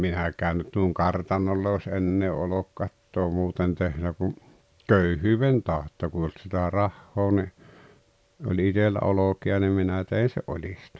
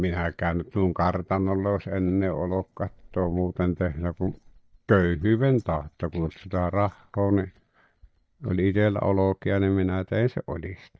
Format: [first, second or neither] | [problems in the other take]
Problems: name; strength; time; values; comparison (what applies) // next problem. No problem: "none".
first | noise reduction (neural mask model DeepFilterNet 3)